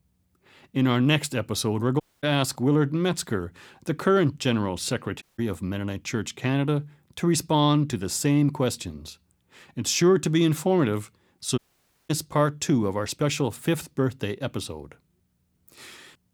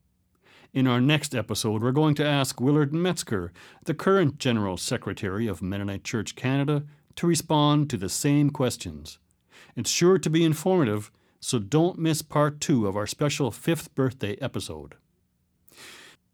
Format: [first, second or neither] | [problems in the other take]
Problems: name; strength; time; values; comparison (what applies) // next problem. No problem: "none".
second | audio cutting out; at 2 s, at 5 s and at 12 s for 0.5 s